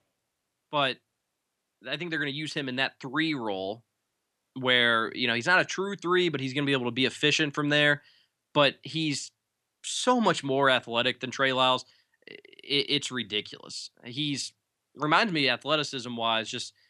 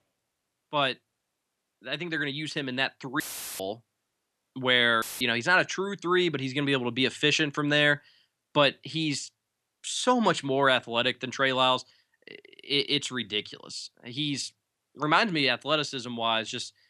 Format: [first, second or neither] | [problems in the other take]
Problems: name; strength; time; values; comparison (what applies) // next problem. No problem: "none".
first | audio cutting out; filled with static; at 3 s and at 5 s